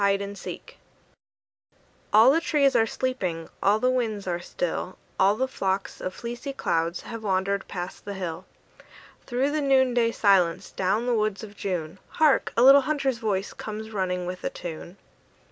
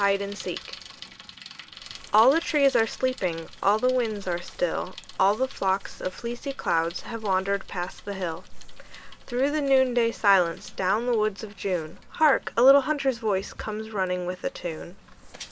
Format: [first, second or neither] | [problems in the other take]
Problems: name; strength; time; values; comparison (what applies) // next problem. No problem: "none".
first | background sound (Crumpling, crinkling + Bicycle); 15 dB below the speech